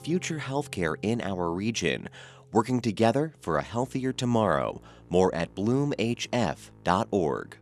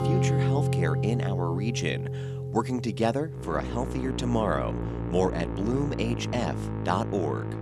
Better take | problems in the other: first | background music; loud; throughout; 1 dB below the speech; faint in the first

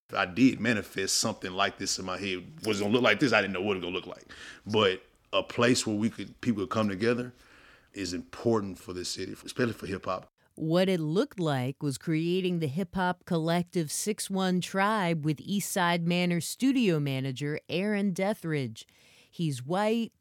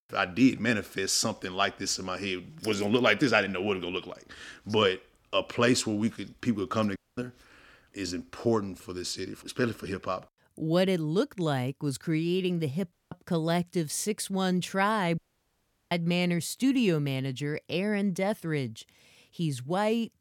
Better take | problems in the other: first | audio cutting out; at 7 s, at 13 s and at 15 s for 0.5 s

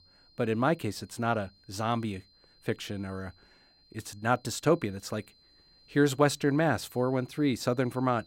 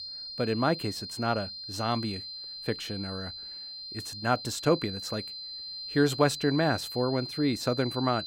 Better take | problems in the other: first | high-pitched whine; loud; throughout; 4 kHz, 8 dB below the speech; faint in the first

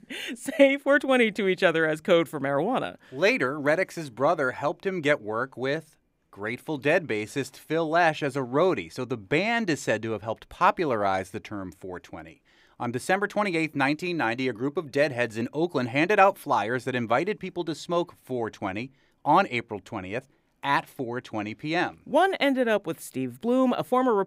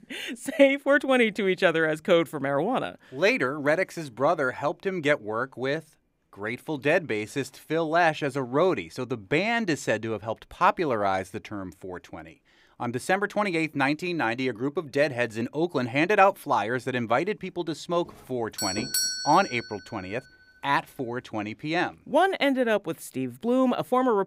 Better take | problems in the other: first | doorbell; loud; from 19 to 20 s; peak 1 dB above the speech

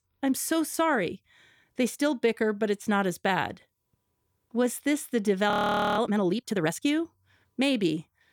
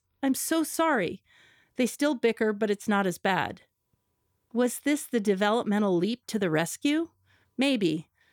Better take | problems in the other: second | audio freezing; at 5.5 s

